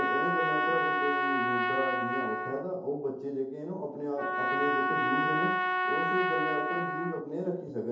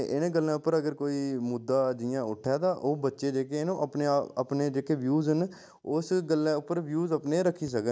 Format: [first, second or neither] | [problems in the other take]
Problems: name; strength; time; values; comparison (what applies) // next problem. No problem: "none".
second | background sound (Trumpet); 3 dB above the speech // room echo; dies away in 2.2 s